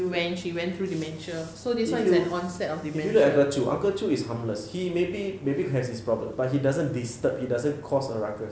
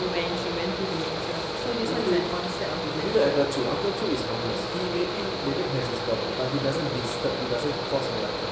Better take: first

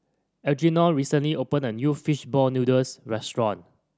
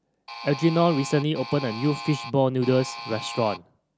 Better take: first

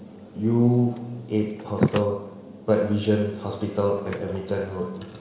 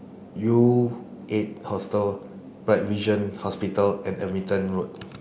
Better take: second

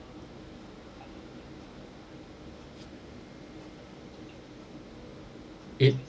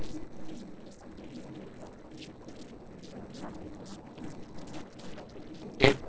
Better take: first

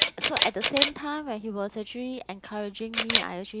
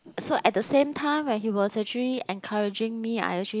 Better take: second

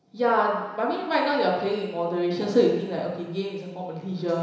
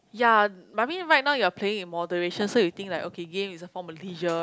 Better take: second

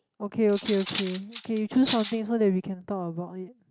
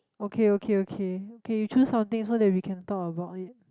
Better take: second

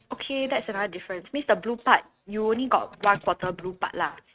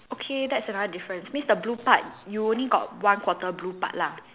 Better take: second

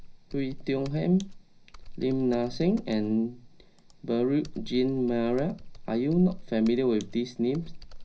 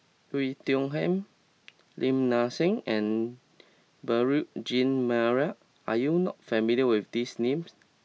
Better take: second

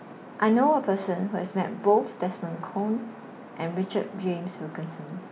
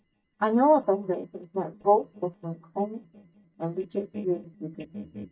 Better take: first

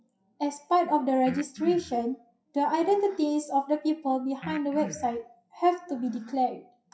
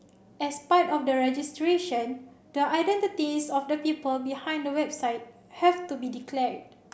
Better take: second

